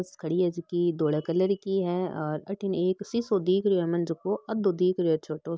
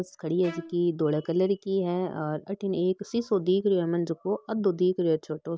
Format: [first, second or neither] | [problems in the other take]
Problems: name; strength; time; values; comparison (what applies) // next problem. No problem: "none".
first | background sound (Bowed string instrument); 19 dB below the speech